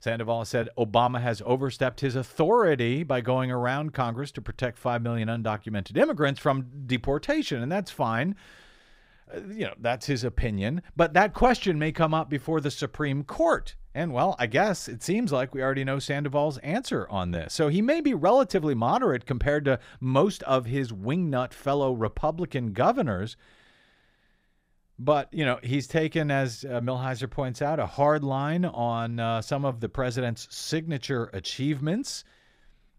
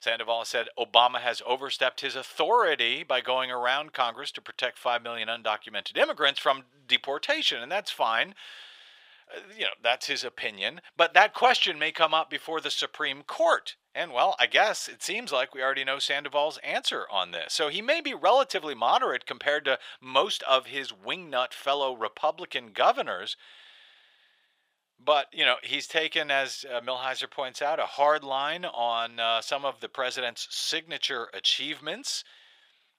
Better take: first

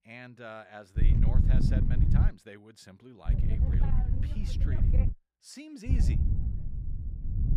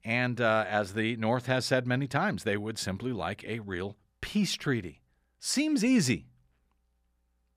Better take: second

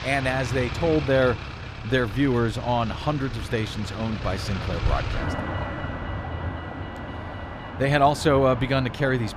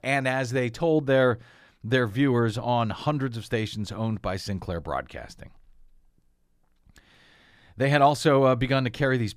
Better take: second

